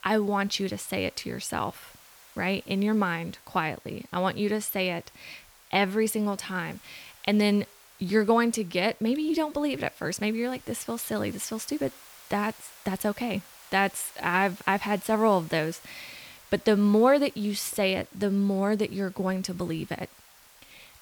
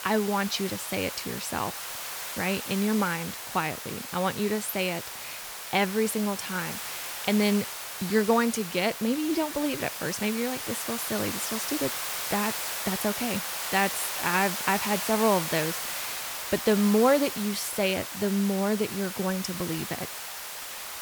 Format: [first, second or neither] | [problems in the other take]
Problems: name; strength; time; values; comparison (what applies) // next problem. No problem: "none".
first | hiss; loud; throughout; 5 dB below the speech; faint in the first